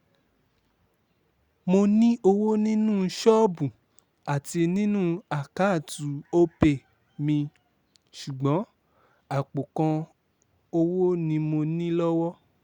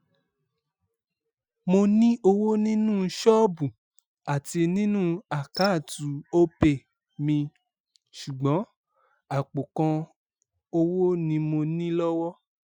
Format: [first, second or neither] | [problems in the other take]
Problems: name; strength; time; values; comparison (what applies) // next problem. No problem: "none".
first | noise reduction (classical method Wiener filter)